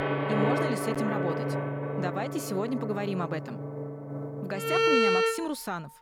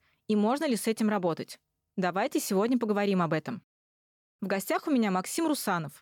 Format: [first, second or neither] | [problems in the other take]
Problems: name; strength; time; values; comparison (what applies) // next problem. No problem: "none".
second | background music; very loud; throughout; 4 dB above the speech